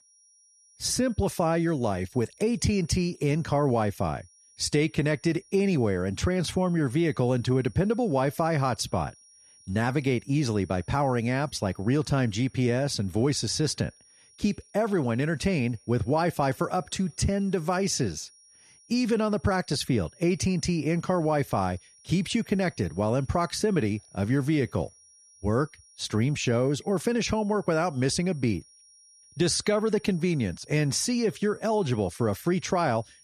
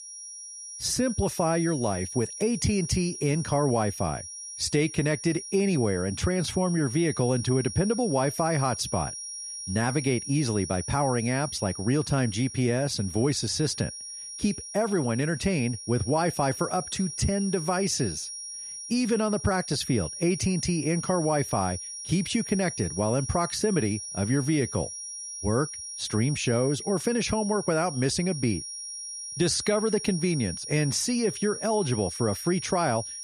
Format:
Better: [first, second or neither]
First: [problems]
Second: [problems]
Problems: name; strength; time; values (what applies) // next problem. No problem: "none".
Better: first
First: high-pitched whine; faint; throughout; 5.5 kHz, 30 dB below the speech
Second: high-pitched whine; loud; throughout; 5.5 kHz, 8 dB below the speech